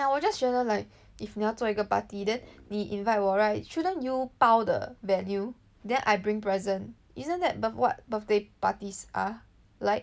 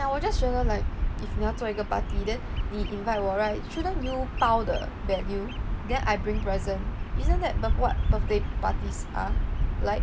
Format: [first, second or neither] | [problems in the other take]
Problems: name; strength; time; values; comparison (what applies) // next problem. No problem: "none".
first | background sound (Bird vocalization, bird call, bird song); 2 dB above the speech